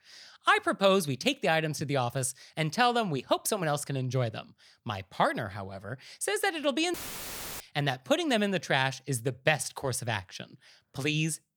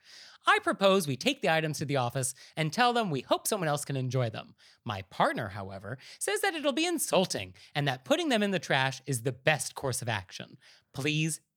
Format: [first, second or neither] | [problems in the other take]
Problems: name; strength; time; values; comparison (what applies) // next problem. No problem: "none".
second | audio cutting out; filled with static; at 7 s for 0.5 s